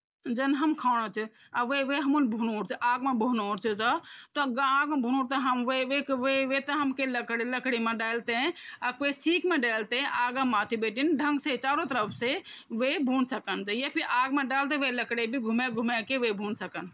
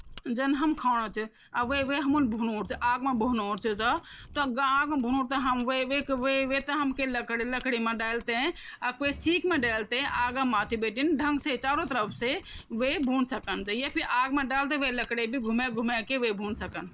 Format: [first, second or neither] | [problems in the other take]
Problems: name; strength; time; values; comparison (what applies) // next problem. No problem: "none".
first | background sound (Mechanisms); 20 dB below the speech